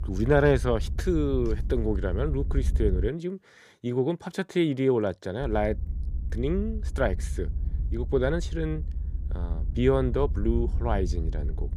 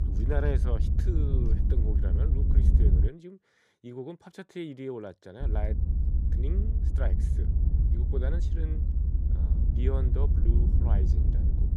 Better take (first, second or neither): first